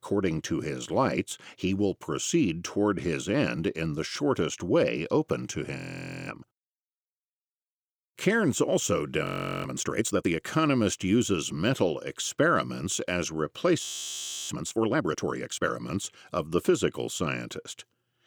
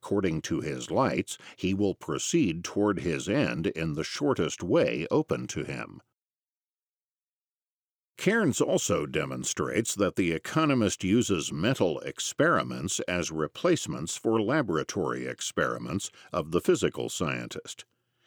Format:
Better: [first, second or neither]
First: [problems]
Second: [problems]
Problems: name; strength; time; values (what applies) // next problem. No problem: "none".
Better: second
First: audio freezing; at 6 s, at 9.5 s and at 14 s for 0.5 s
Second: none